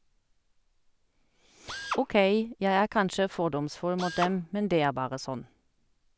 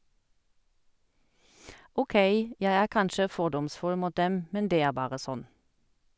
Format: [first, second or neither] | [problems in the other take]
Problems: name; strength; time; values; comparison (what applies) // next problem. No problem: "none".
second | background sound (Drill); 8 dB below the speech